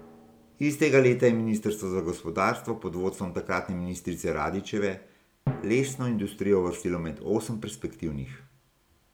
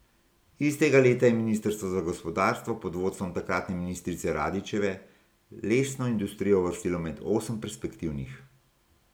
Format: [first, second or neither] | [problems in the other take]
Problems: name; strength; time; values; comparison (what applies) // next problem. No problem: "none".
second | background sound (Drum); 17 dB below the speech